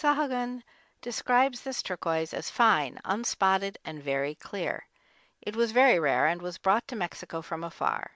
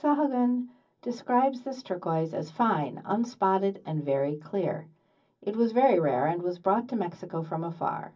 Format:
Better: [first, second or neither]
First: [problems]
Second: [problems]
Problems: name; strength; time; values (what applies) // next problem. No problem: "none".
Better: first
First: none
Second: room echo; dies away in 0.4 s